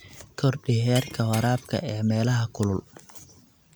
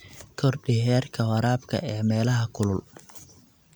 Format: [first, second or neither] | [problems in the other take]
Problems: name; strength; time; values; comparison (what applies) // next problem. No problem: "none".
second | background sound (Shatter); 17 dB below the speech